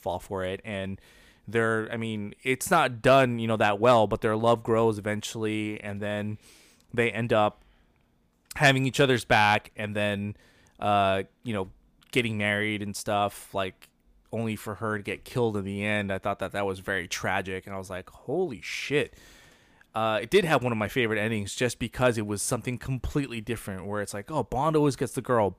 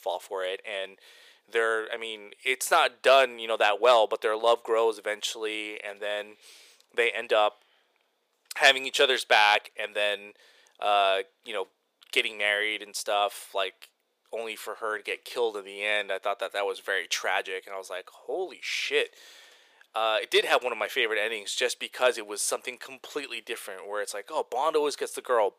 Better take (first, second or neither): first